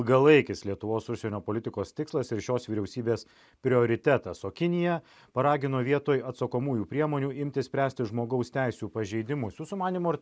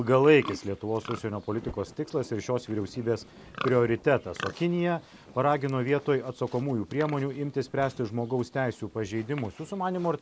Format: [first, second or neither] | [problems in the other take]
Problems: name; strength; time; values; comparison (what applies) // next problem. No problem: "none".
first | background sound (Livestock, farm animals, working animals); 17 dB below the speech